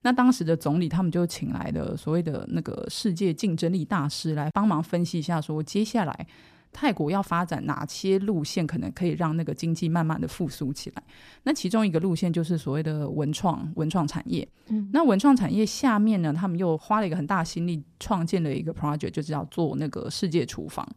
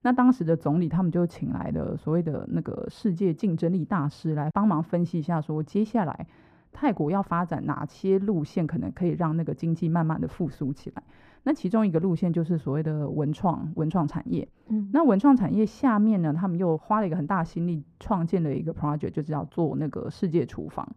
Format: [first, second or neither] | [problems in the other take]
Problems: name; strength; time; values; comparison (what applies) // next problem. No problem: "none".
first | muffled; very; fading above 2.5 kHz